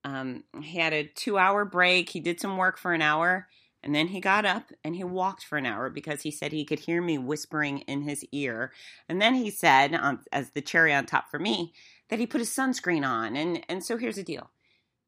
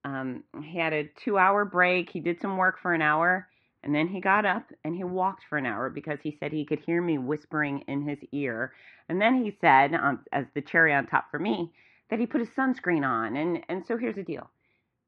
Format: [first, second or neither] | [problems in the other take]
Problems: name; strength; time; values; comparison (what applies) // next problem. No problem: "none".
first | muffled; very; fading above 2 kHz